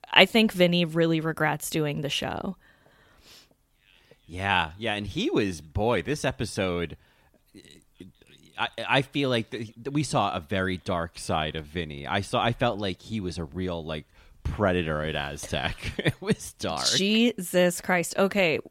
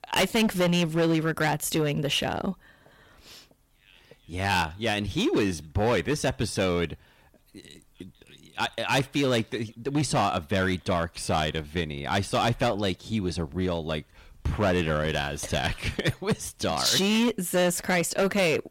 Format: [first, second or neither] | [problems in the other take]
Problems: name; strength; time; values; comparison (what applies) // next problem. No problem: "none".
first | distortion; heavy; 8% of the sound clipped